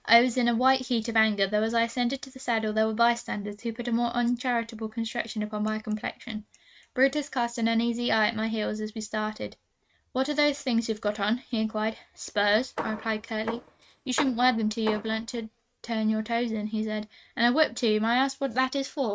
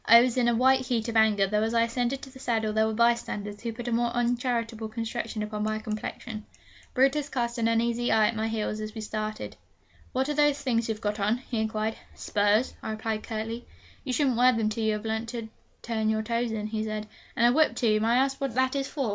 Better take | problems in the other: second | noise reduction (neural mask model RNNoise)

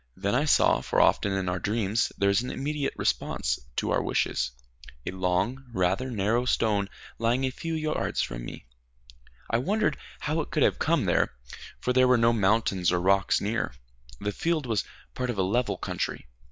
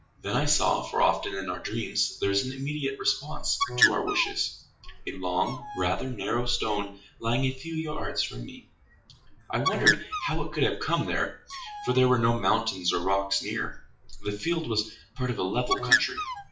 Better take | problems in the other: first | noise reduction (classical method WPE with log-MMSE)

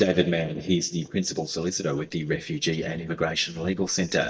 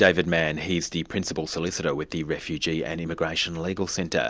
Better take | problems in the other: second | noise reduction (neural mask model DeepFilterNet 3)

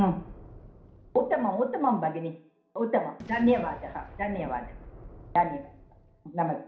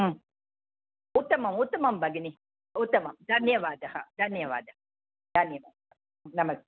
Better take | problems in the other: second | background sound (Boom); 19 dB below the speech // room echo; dies away in 0.5 s

